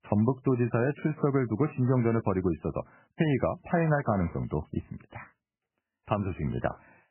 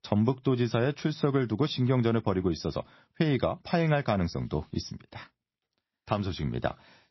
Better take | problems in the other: second | garbled, watery; badly; nothing above 3 kHz; slightly in the second

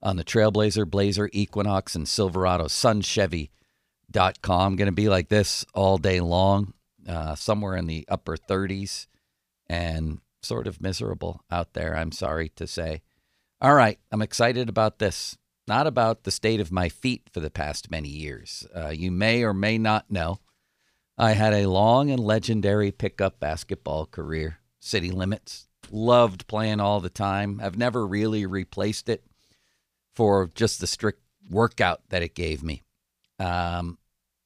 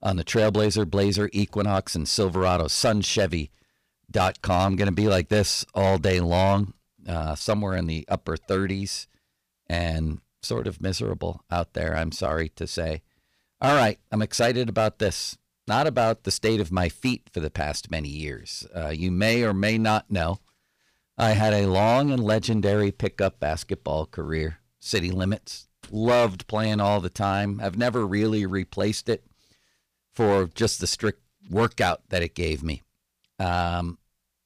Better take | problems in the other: first | distortion; slight; 4% of the sound clipped

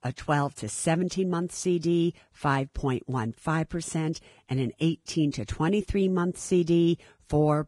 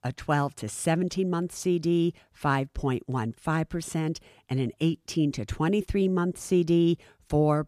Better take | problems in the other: second | garbled, watery; badly; nothing above 10.5 kHz

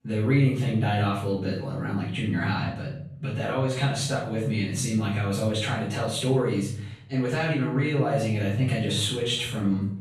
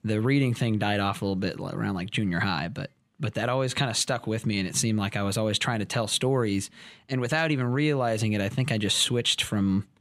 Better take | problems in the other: second | off-mic speech; far // room echo; noticeable; dies away in 0.8 s

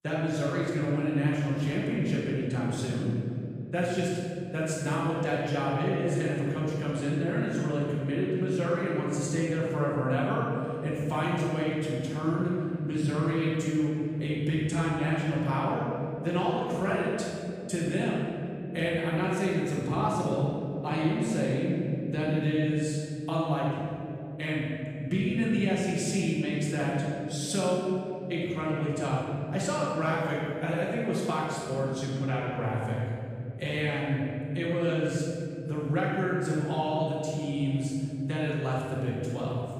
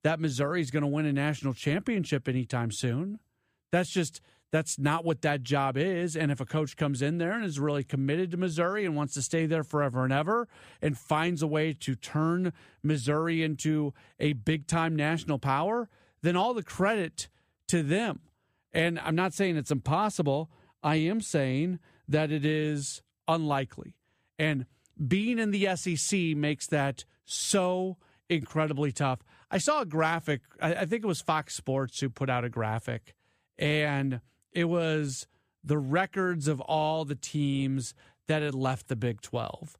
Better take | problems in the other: second | room echo; strong; dies away in 3 s // off-mic speech; far

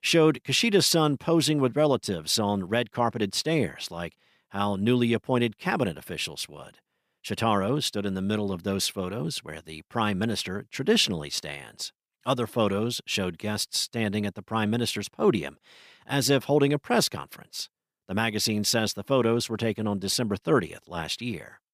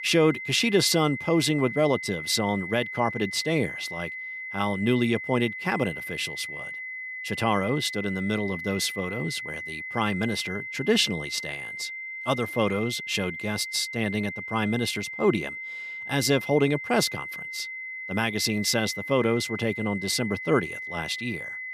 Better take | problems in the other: first | high-pitched whine; loud; throughout; 2 kHz, 7 dB below the speech

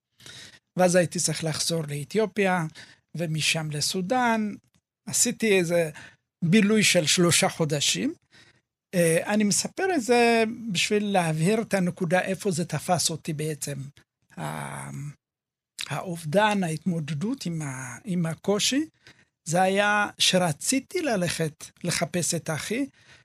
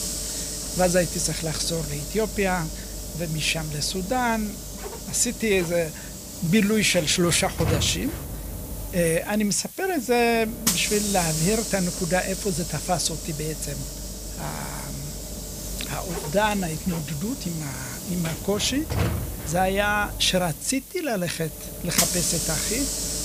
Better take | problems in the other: first | hiss; loud; throughout; 5 dB below the speech

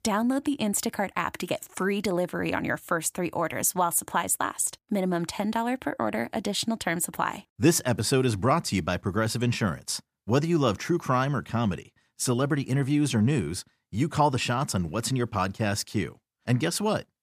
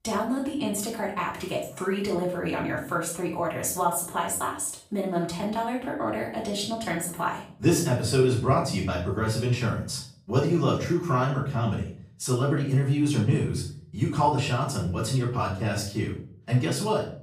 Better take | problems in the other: first | room echo; noticeable; dies away in 0.5 s // off-mic speech; far

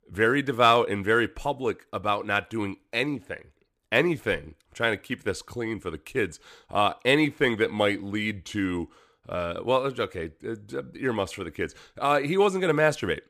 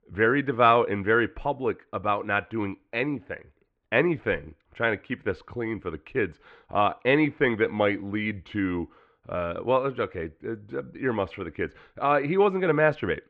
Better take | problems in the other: first | muffled; very; fading above 2.5 kHz

